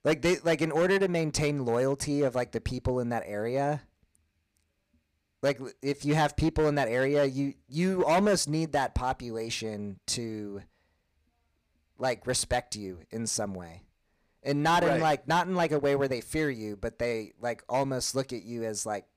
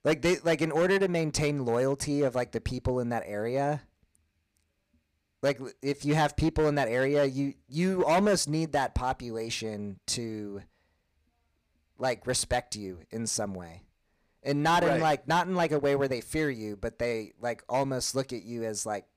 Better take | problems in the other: neither | distortion; slight; 4% of the sound clipped; the same in both

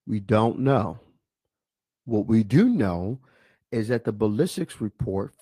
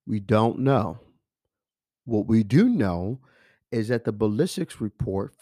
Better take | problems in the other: second | garbled, watery; slightly; nothing above 14.5 kHz

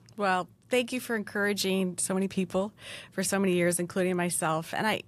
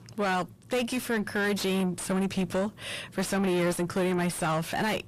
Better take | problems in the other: first | distortion; heavy; 6 dB below the speech

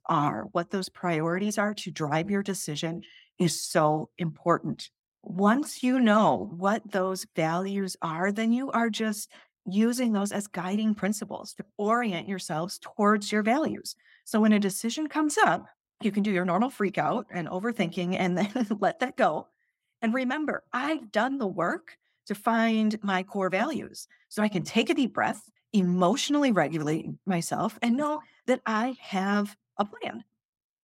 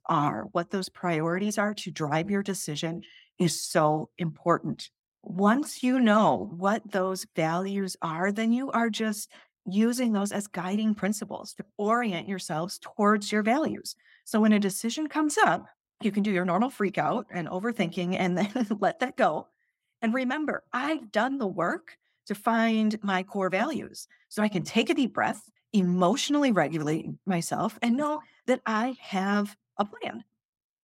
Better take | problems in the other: neither | none

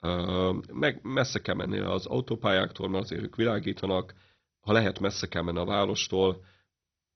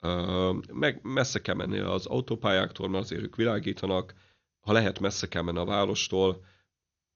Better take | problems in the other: second | garbled, watery; badly; nothing above 6 kHz; slightly in the second

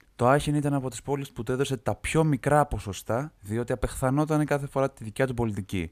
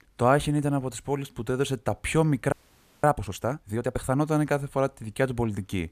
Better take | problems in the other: first | audio freezing; at 2.5 s for 0.5 s

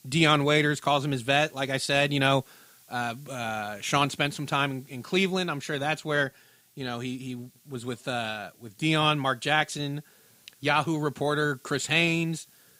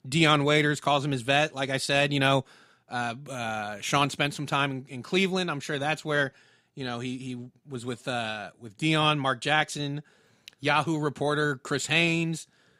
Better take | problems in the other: second | hiss; faint; throughout; 30 dB below the speech

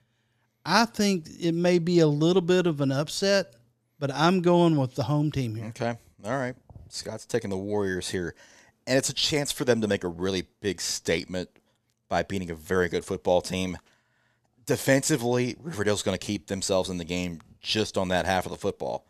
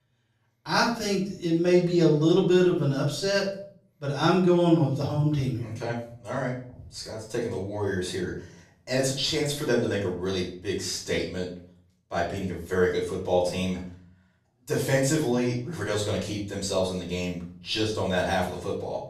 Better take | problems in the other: first | room echo; noticeable; dies away in 0.5 s // off-mic speech; far

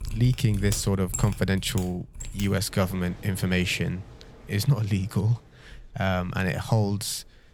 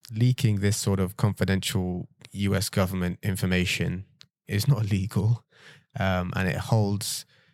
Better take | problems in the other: second | machinery noise; noticeable; throughout; 15 dB below the speech

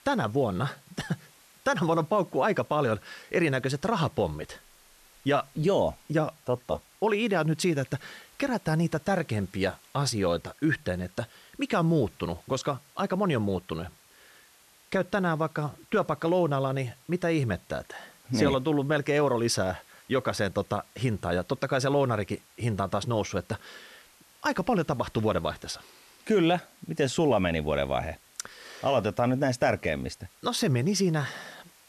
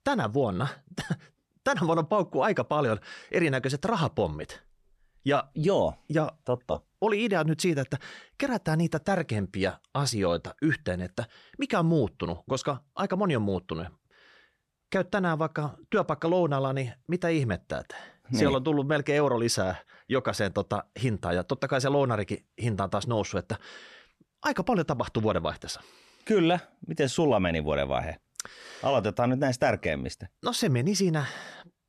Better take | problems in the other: second | hiss; faint; throughout; 25 dB below the speech

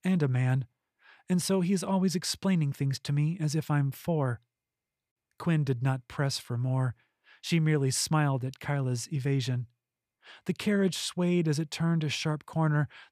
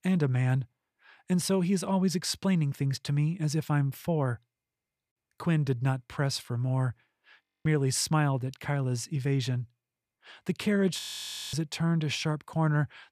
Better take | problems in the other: first | audio freezing; at 7.5 s and at 11 s for 0.5 s

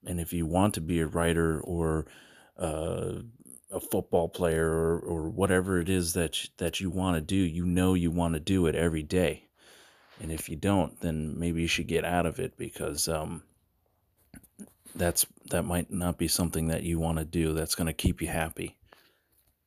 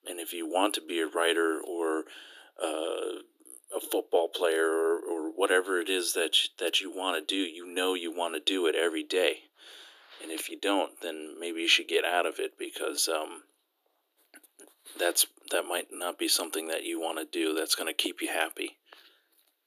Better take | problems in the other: first | thin; very; fading below 300 Hz

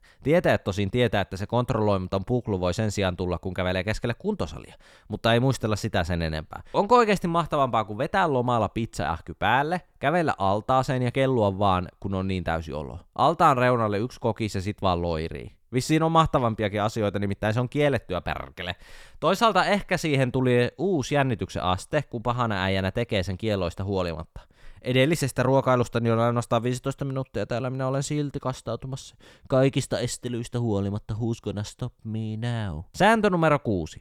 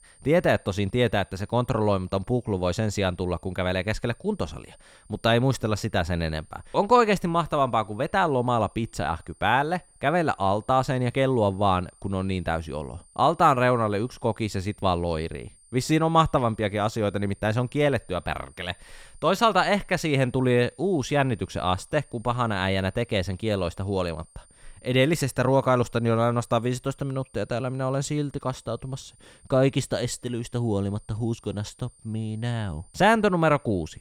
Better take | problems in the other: first | high-pitched whine; faint; throughout; 9 kHz, 30 dB below the speech

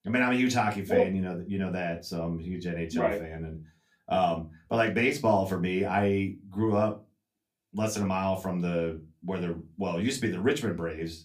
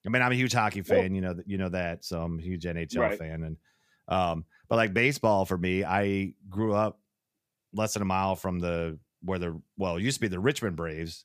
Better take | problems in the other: second | off-mic speech; somewhat distant // room echo; very slight; dies away in 0.2 s

